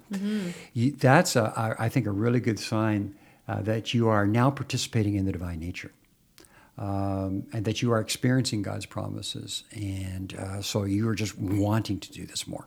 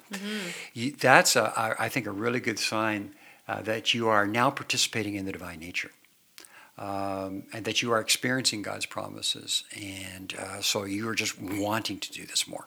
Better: first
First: none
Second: thin; somewhat; fading below 900 Hz

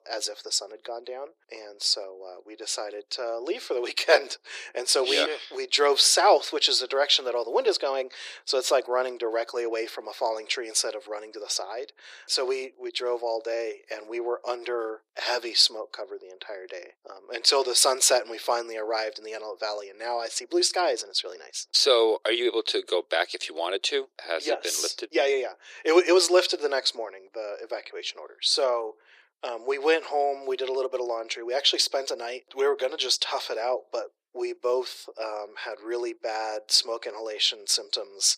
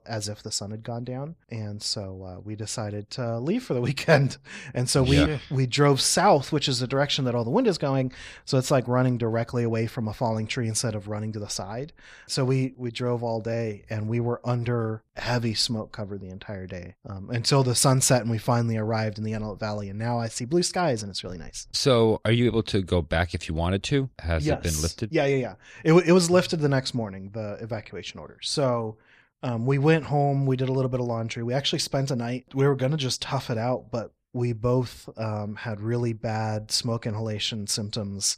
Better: second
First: thin; very; fading below 350 Hz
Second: none

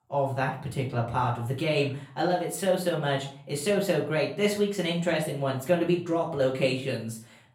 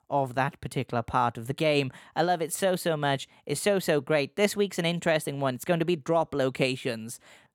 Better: second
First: off-mic speech; far // room echo; slight; dies away in 0.4 s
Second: none

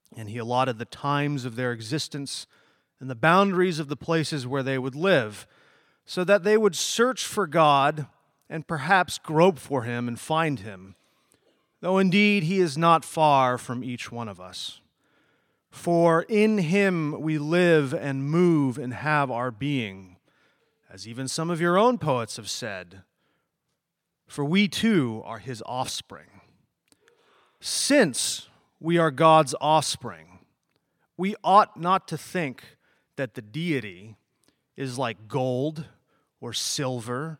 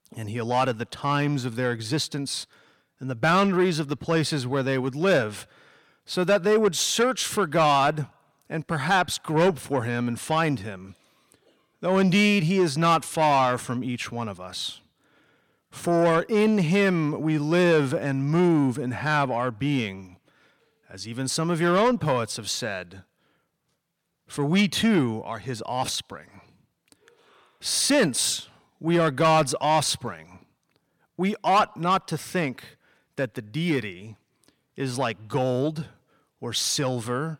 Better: first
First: none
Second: distortion; slight; 10 dB below the speech

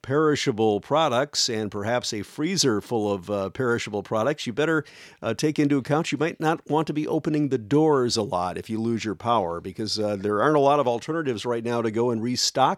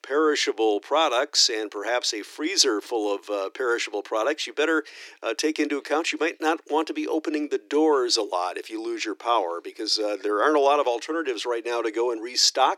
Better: first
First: none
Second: thin; somewhat; fading below 300 Hz

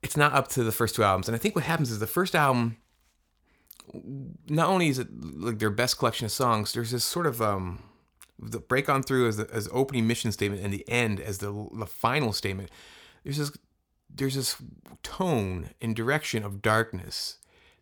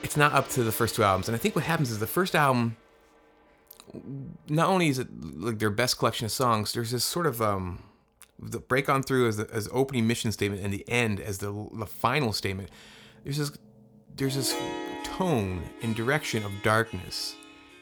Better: first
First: none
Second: background music; noticeable; throughout; 15 dB below the speech

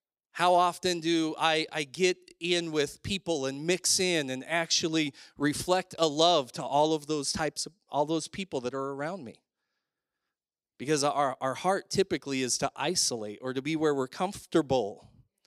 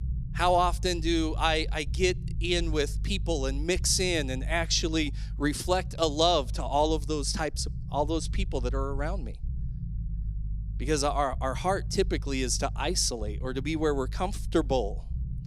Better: first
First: none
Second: low rumble; faint; throughout; 25 dB below the speech

